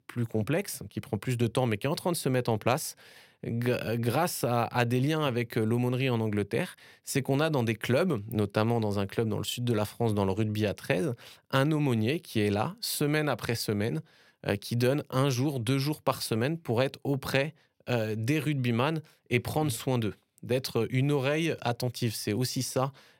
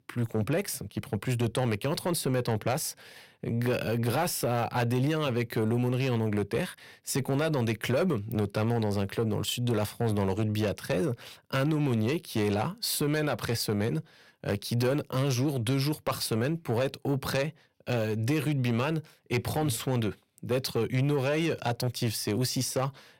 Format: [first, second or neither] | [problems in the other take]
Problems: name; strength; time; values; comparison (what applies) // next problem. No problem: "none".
first | distortion; slight; 10 dB below the speech